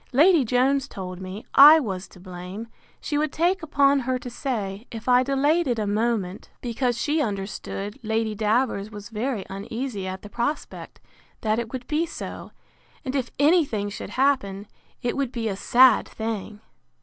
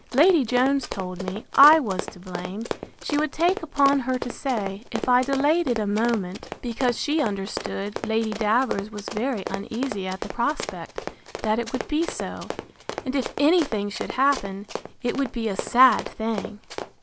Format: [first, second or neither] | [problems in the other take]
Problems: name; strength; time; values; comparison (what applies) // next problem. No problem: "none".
first | background sound (Run); 11 dB below the speech